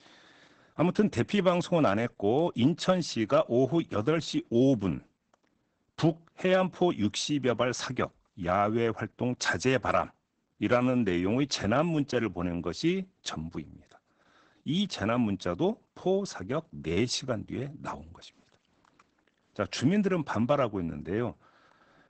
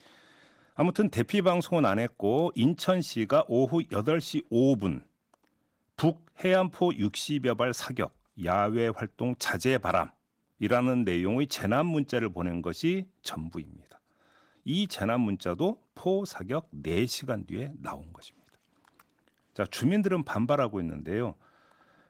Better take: second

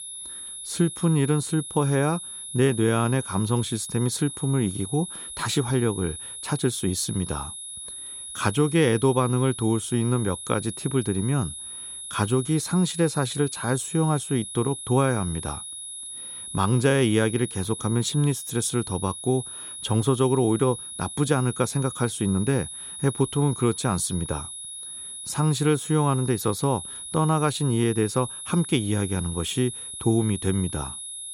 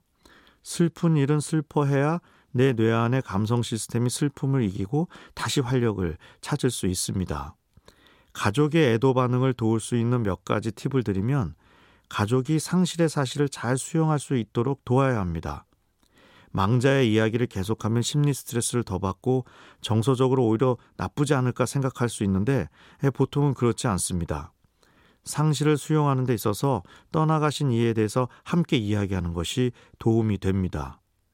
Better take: second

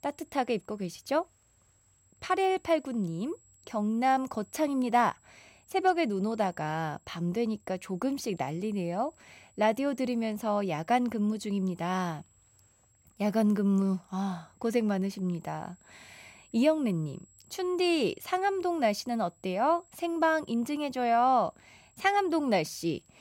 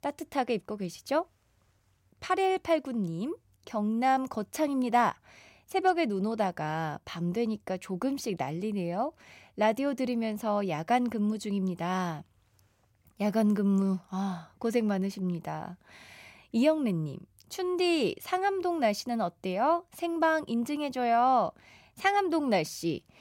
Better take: second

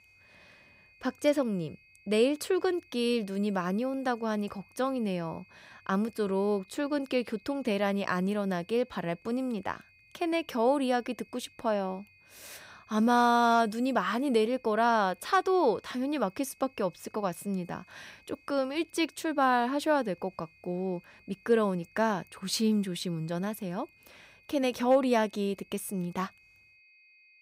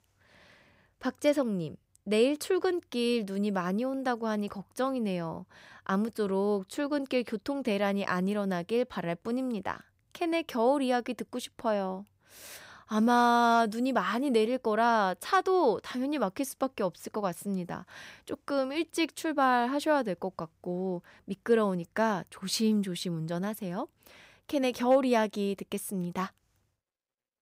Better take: second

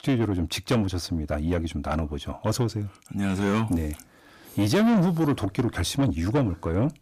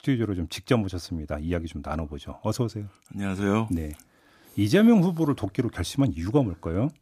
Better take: second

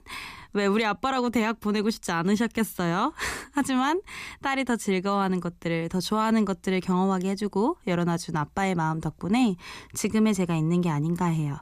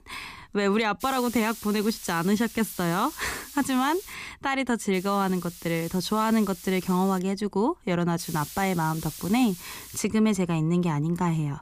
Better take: first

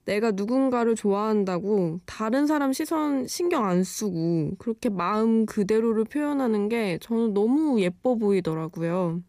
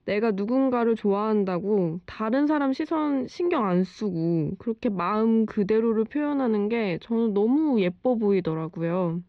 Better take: first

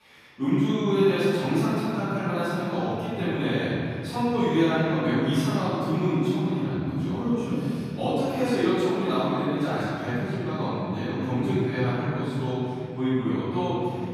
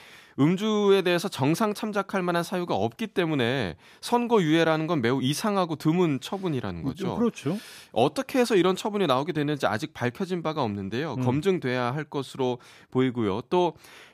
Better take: second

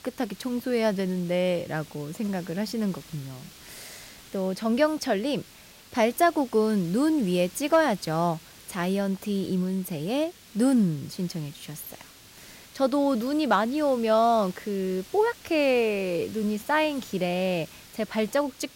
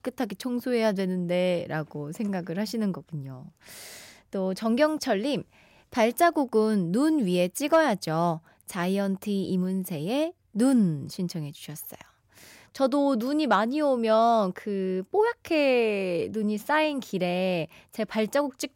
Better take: second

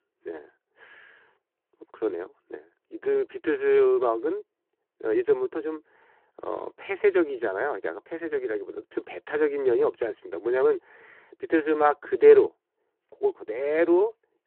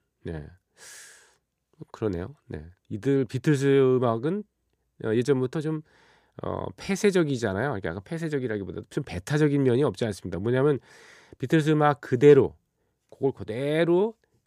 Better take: second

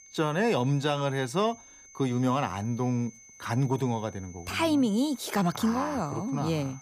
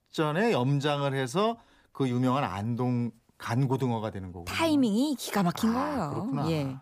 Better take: second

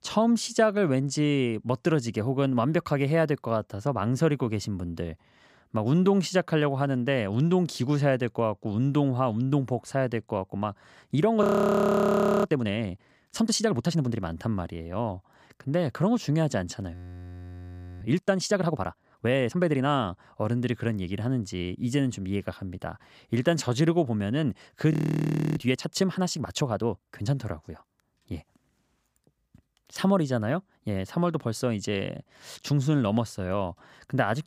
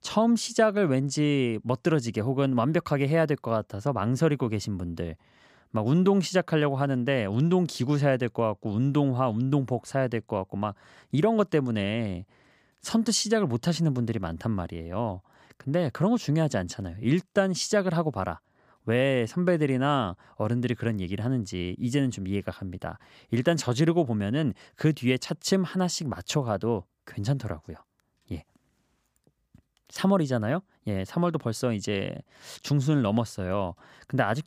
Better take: second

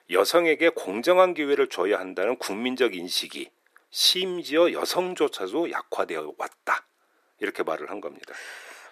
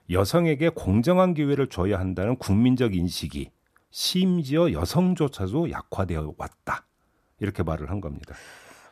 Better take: second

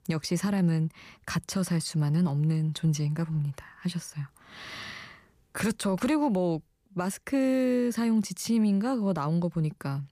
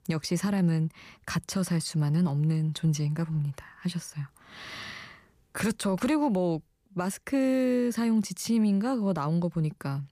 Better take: neither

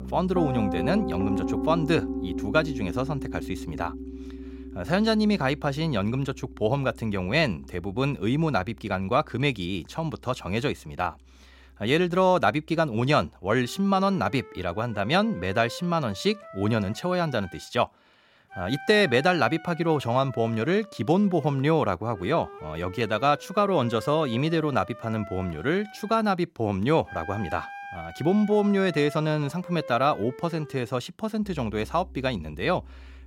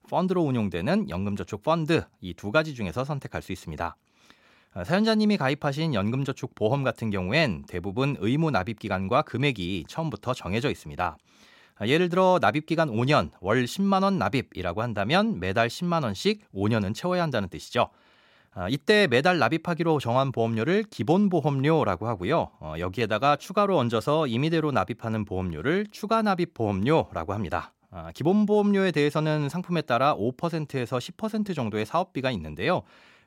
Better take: second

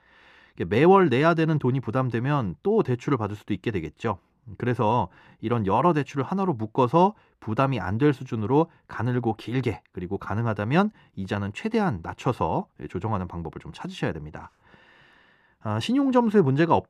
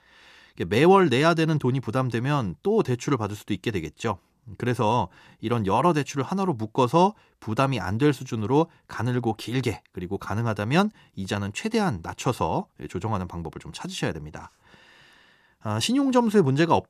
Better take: second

